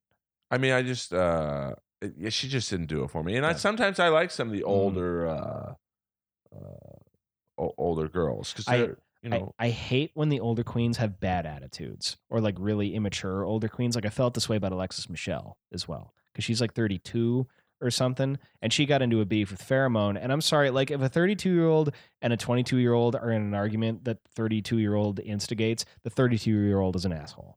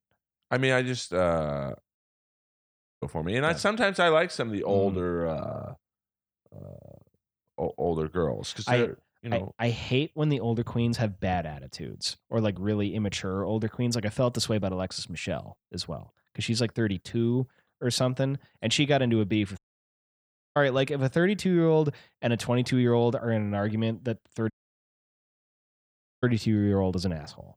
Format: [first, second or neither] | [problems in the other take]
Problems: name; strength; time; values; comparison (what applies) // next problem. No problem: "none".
first | audio cutting out; at 2 s for 1 s, at 20 s for 1 s and at 25 s for 1.5 s